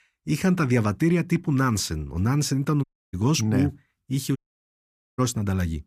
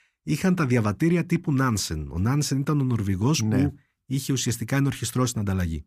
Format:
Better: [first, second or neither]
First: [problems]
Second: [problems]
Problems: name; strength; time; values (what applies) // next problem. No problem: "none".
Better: second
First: audio cutting out; at 3 s and at 4.5 s for 1 s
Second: none